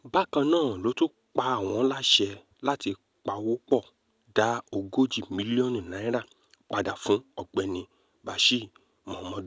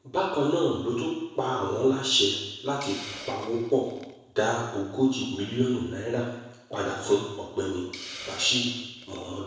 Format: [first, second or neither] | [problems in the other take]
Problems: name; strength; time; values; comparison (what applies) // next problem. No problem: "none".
first | background sound (Hiss); 19 dB below the speech // room echo; dies away in 1 s